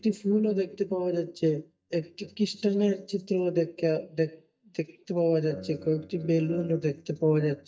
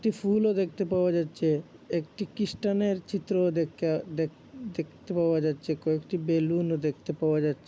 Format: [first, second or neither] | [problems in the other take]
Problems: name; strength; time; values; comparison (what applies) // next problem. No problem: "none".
second | noise reduction (neural mask model DeepFilterNet 3)